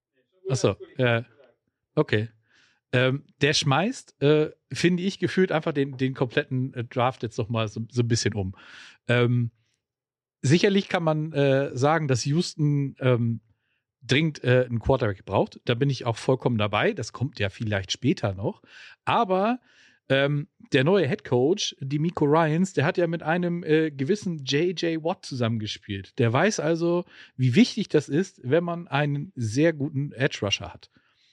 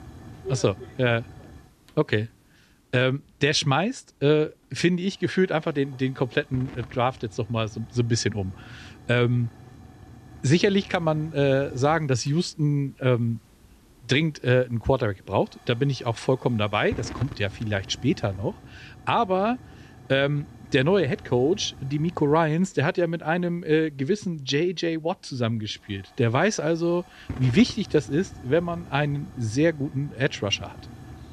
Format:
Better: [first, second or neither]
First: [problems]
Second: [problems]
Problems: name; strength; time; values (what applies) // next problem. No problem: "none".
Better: first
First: none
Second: hiss; noticeable; throughout; 20 dB below the speech